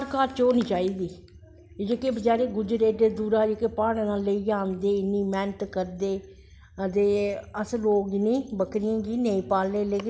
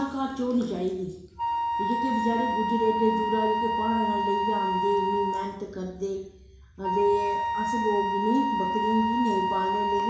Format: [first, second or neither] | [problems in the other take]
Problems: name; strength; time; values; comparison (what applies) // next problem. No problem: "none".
first | background sound (Wind instrument, woodwind instrument); as loud as the speech // room echo; dies away in 0.7 s